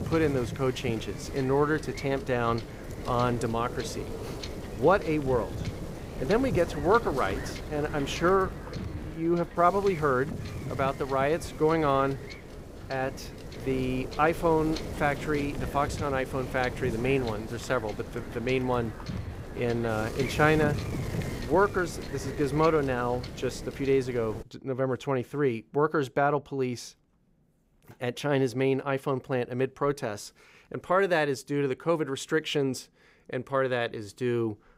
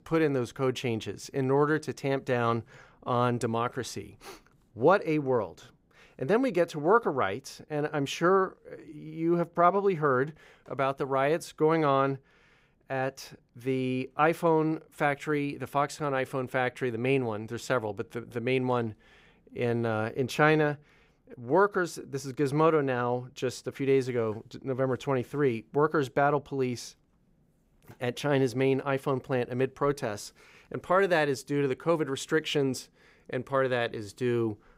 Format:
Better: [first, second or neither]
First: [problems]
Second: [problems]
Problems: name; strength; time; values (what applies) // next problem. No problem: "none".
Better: second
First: wind noise on the microphone; occasional gusts; until 24 s; 15 dB below the speech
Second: none